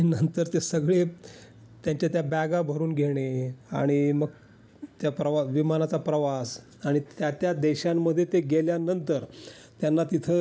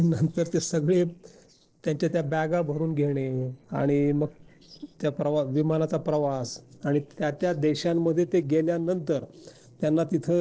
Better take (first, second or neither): first